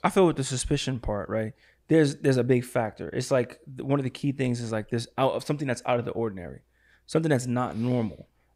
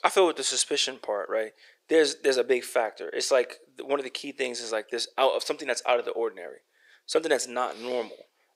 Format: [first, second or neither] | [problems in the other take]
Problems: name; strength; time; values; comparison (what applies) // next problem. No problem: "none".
first | thin; very; fading below 400 Hz